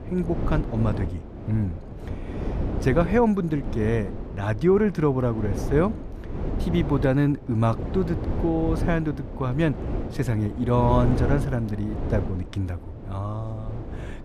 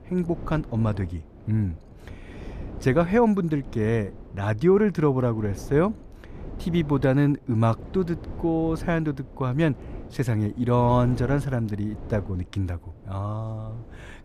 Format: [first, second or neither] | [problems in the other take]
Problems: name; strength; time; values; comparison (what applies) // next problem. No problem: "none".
second | wind noise on the microphone; heavy; 10 dB below the speech; occasional gusts in the second